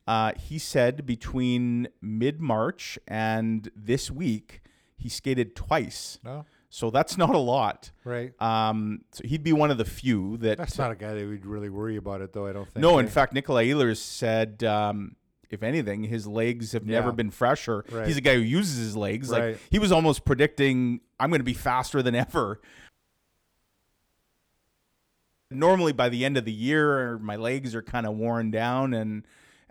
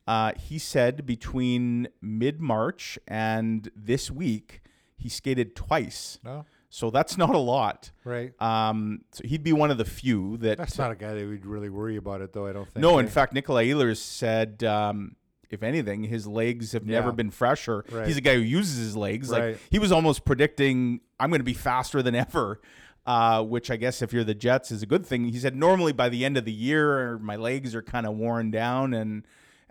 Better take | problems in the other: second | audio cutting out; at 23 s for 2.5 s

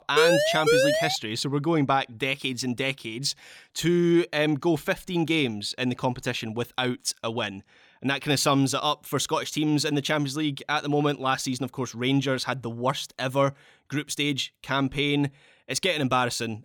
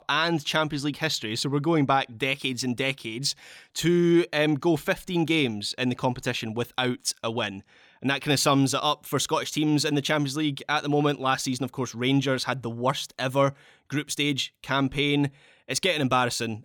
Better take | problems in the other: second | siren; loud; at the start; peak 5 dB above the speech

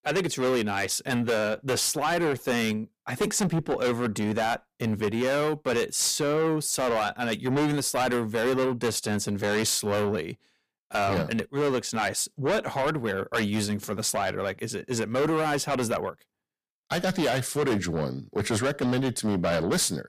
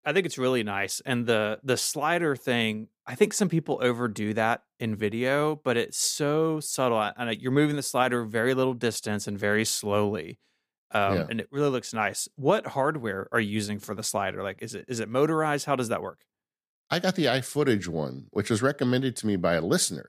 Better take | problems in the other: second | distortion; heavy; 6 dB below the speech

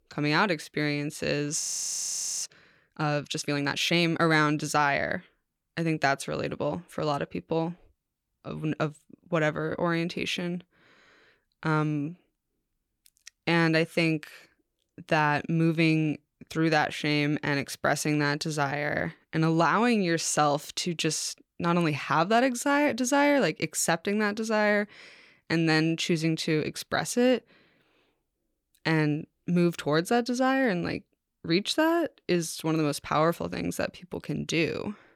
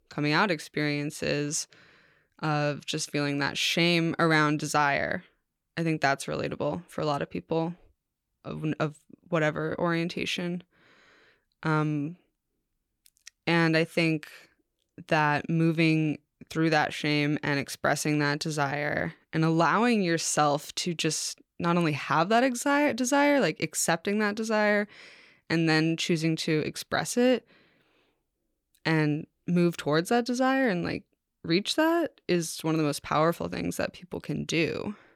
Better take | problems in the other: second | audio freezing; at 1.5 s for 1 s

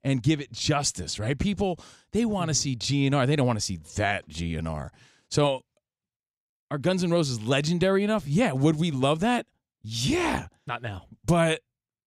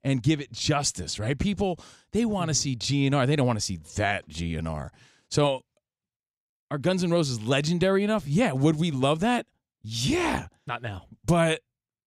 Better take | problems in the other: neither | none

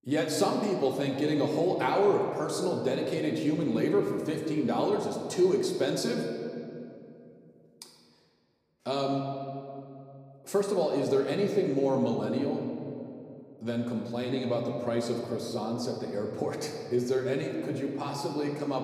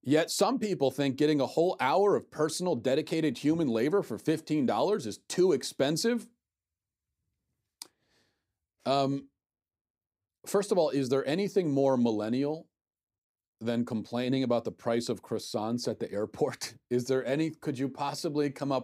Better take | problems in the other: second | room echo; noticeable; dies away in 2.2 s // off-mic speech; somewhat distant

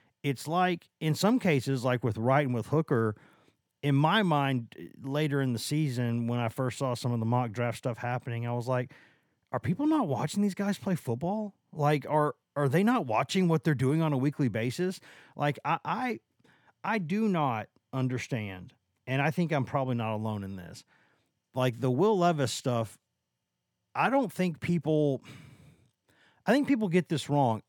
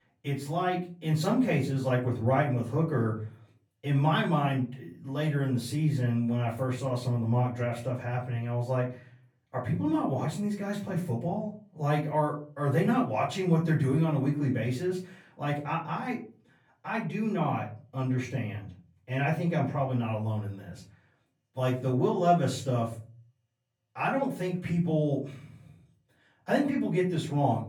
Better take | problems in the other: first | off-mic speech; far // room echo; slight; dies away in 0.4 s

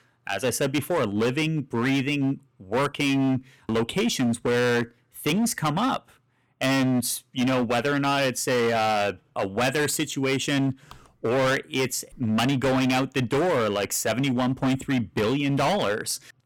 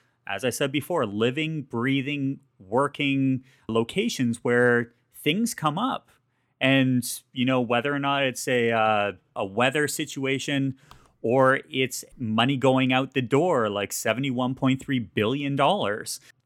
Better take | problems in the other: second | distortion; heavy; 19% of the sound clipped

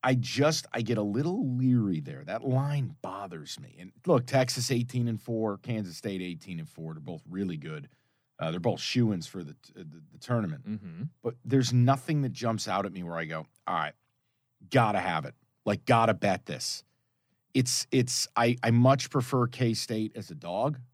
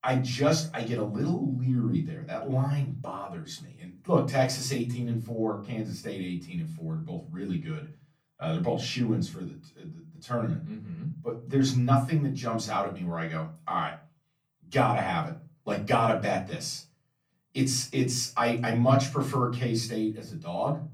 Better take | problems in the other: first | off-mic speech; far // room echo; very slight; dies away in 0.3 s

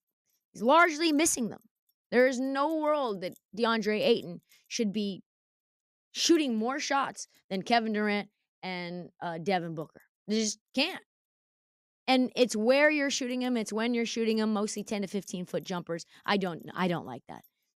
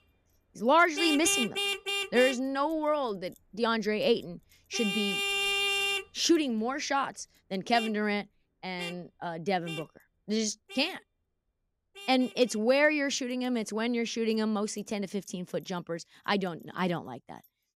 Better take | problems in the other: first | traffic noise; loud; throughout; 1 dB below the speech

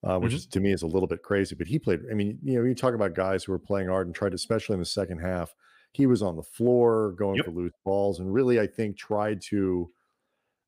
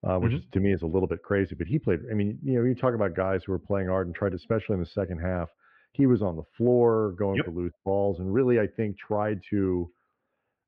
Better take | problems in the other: first | muffled; very; fading above 2.5 kHz

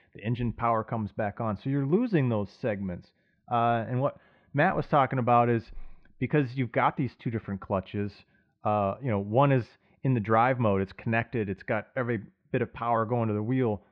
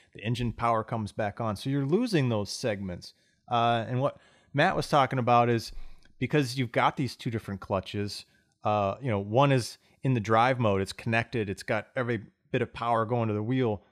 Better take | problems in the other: second | muffled; very; fading above 2.5 kHz

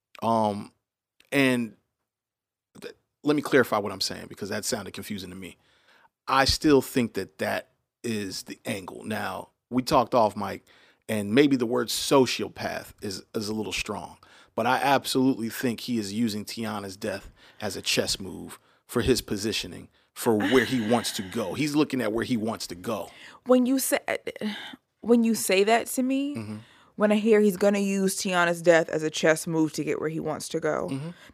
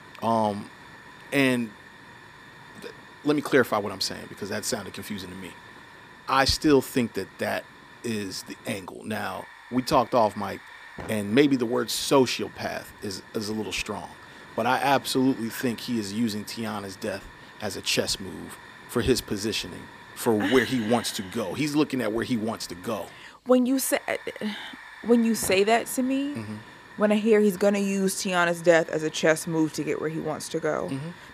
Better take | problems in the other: first | hiss; noticeable; throughout; 20 dB below the speech

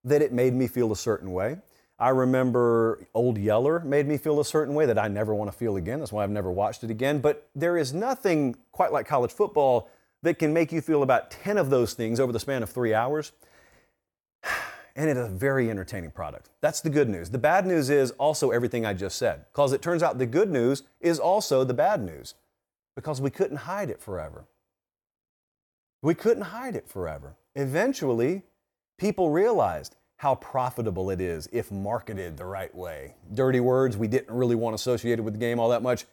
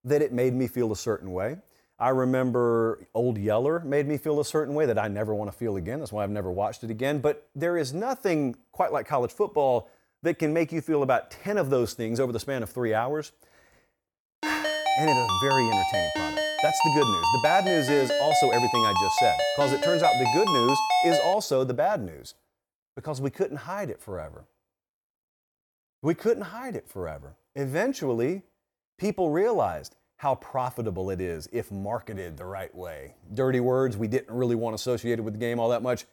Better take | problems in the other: first | phone ringing; loud; from 14 to 21 s; peak 5 dB above the speech

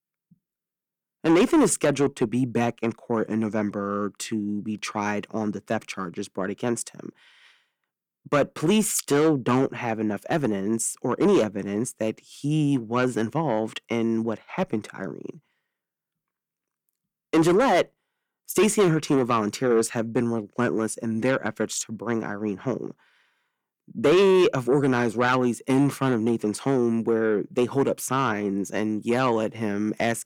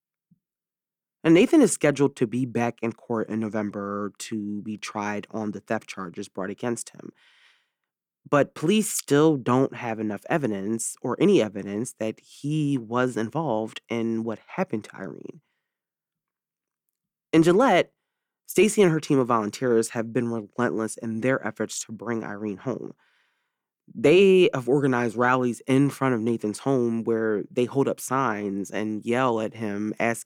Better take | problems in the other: second | distortion; slight; 10 dB below the speech

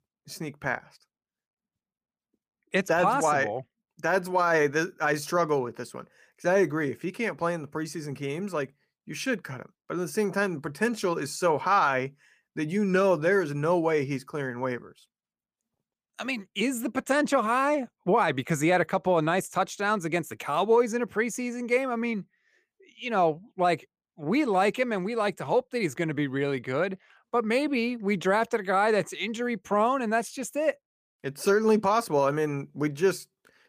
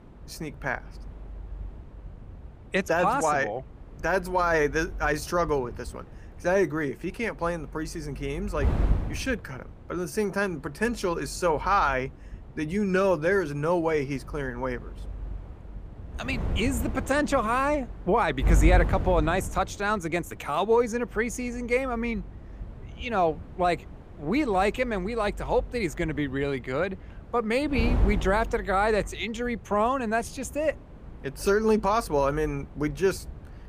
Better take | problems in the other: first | wind noise on the microphone; occasional gusts; 20 dB below the speech

